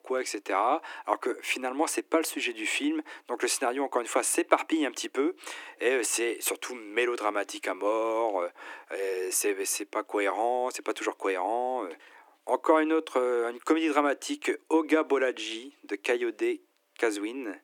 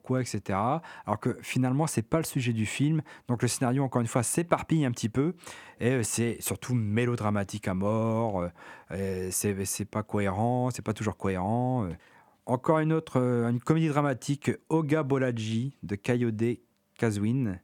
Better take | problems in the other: second | thin; very; fading below 300 Hz

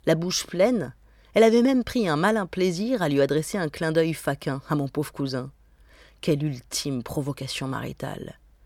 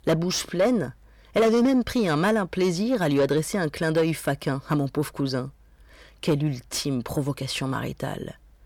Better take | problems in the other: first | distortion; slight; 10 dB below the speech

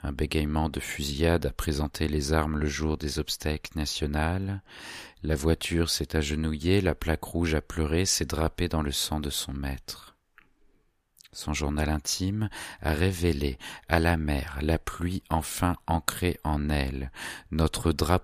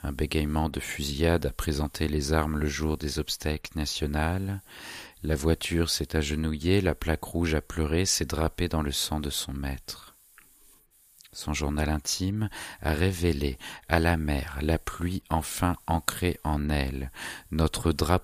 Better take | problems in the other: first | hiss; faint; throughout; 25 dB below the speech

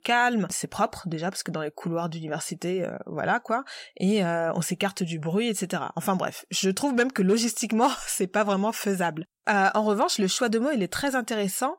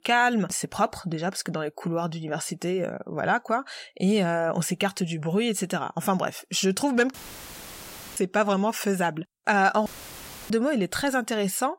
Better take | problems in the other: first | audio cutting out; filled with static; at 7 s for 1 s and at 10 s for 0.5 s

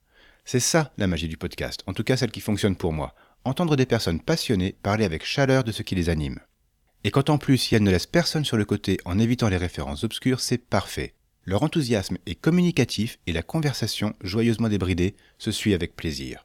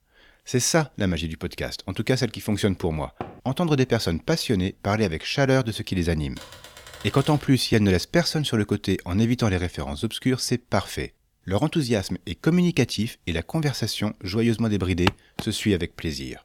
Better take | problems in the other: first | door banging; faint; at 3 s; peak 15 dB below the speech // keyboard typing; faint; from 6.5 to 7.5 s; peak 15 dB below the speech // footsteps; very faint; at 15 s; peak 3 dB below the speech

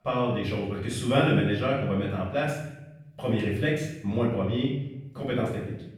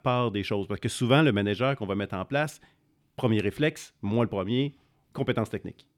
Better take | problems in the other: second | off-mic speech; far // room echo; noticeable; dies away in 0.8 s

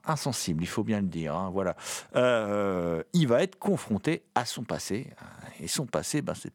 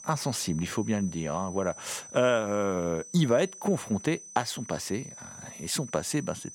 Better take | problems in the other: first | high-pitched whine; noticeable; throughout; 6 kHz, 15 dB below the speech

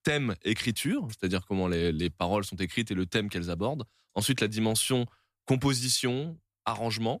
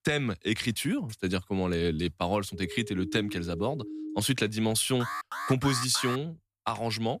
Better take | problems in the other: first | siren; noticeable; from 2.5 to 4 s; peak 9 dB below the speech // alarm; noticeable; from 5 to 6 s; peak 5 dB below the speech

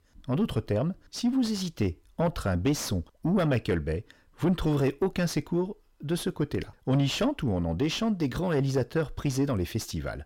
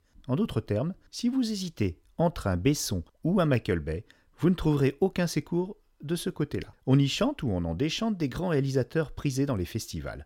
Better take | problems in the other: second | distortion; slight; 9 dB below the speech

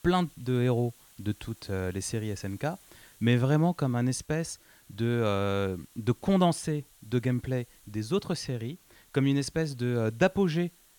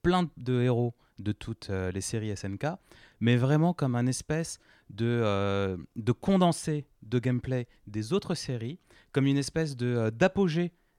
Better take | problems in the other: second | hiss; faint; throughout; 25 dB below the speech

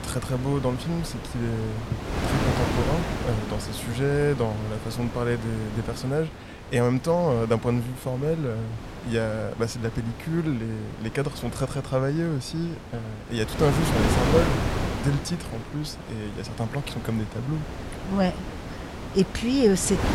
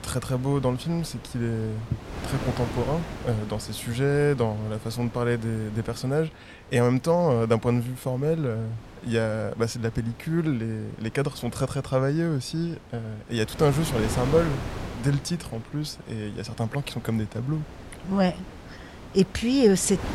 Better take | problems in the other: second | wind noise on the microphone; heavy; 5 dB below the speech; occasional gusts in the second

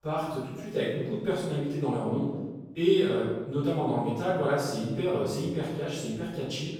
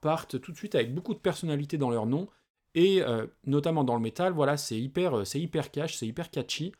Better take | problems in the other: second | off-mic speech; far // room echo; strong; dies away in 1 s

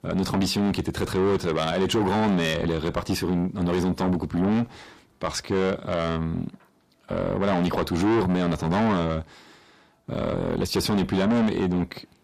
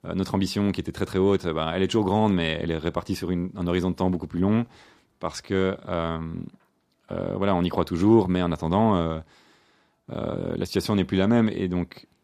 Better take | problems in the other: second | distortion; heavy; 5 dB below the speech

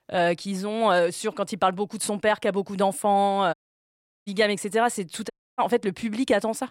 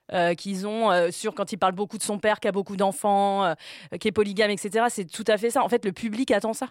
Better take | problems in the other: second | audio cutting out; at 3.5 s for 0.5 s and at 5.5 s

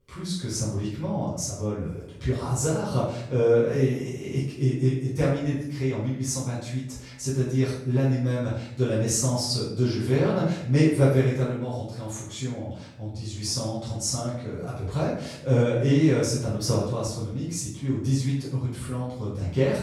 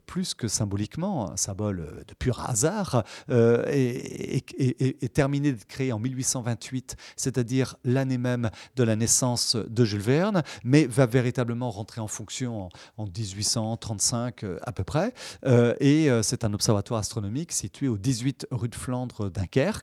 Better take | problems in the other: second | off-mic speech; far // room echo; noticeable; dies away in 0.6 s

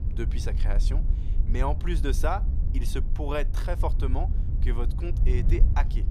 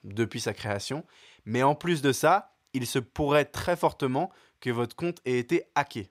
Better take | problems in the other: second | wind noise on the microphone; occasional gusts; 10 dB below the speech

